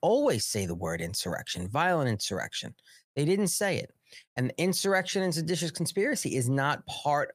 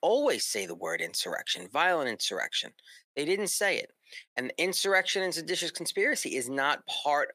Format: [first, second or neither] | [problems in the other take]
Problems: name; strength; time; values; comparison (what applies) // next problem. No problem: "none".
first | thin; somewhat; fading below 300 Hz